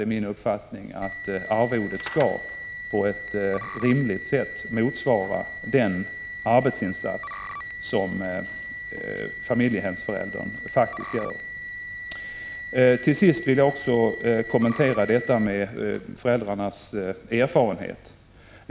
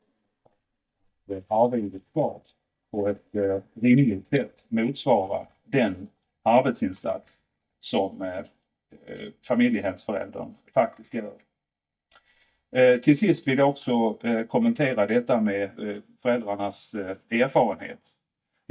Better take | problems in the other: first | noise reduction (neural mask model DeepFilterNet 3)

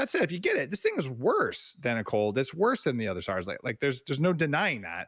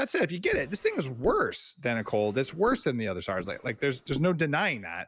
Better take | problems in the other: first | noise reduction (neural mask model Resemble Enhance denoiser)

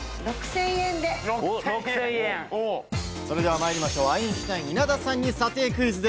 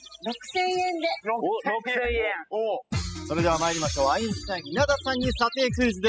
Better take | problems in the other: first | noise reduction (classical method spectral subtraction)

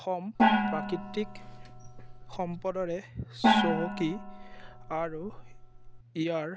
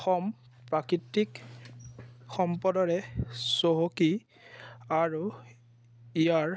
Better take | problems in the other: second | background sound (Gong); 4 dB above the speech

